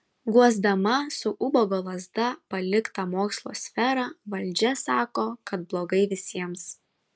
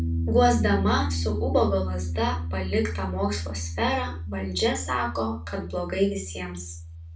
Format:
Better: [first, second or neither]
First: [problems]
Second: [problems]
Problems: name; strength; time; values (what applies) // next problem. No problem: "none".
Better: first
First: none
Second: background sound (Piano); 3 dB below the speech // room echo; dies away in 0.3 s